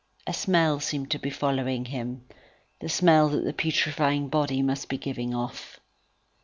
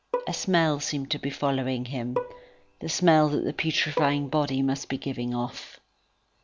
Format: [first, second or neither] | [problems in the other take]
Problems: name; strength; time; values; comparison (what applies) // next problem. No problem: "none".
first | background sound (Bowed string instrument); 10 dB below the speech